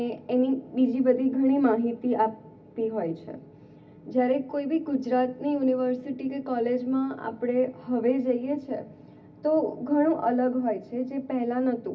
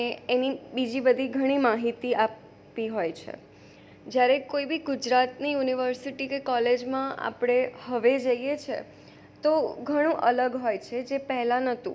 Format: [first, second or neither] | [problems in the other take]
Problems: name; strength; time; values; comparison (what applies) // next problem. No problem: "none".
second | room echo; dies away in 0.4 s